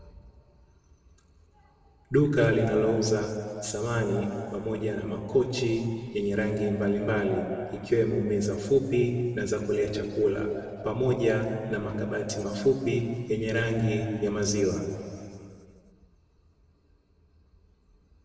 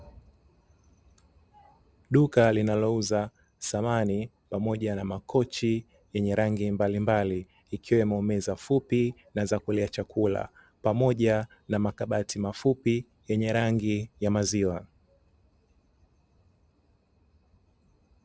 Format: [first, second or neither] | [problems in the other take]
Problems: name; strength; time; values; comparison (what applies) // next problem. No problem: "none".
second | room echo; dies away in 2.4 s